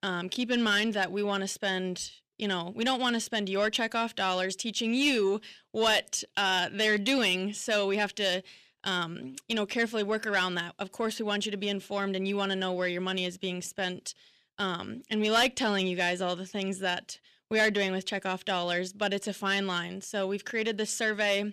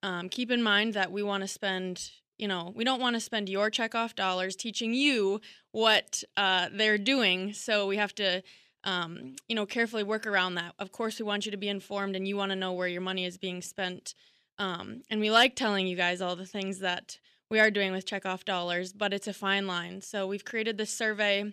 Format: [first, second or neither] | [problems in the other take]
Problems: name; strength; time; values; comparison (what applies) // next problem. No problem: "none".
second | distortion; slight; 10 dB below the speech